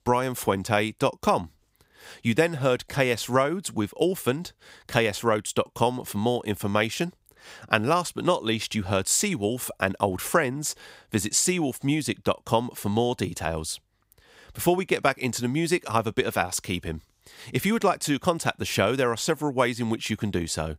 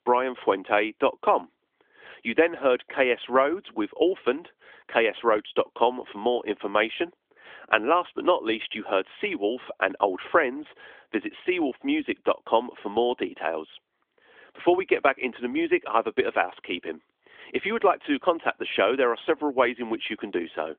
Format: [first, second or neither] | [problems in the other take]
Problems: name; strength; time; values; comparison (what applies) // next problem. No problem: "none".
first | phone-call audio; nothing above 3.5 kHz